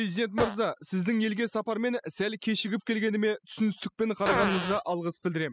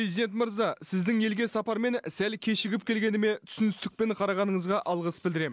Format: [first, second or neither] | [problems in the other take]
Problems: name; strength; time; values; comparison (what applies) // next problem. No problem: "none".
second | noise reduction (classical method spectral subtraction)